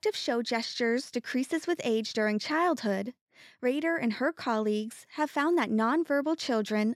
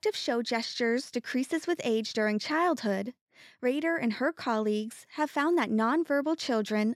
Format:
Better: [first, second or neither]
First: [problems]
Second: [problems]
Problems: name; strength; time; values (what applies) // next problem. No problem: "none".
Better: neither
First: none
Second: none